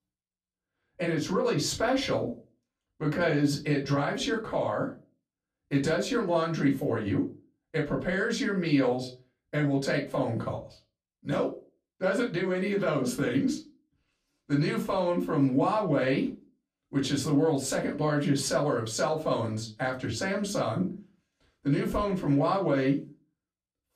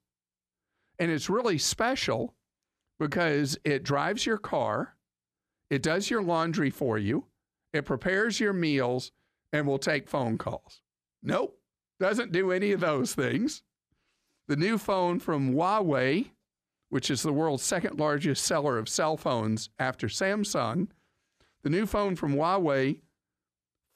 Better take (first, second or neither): second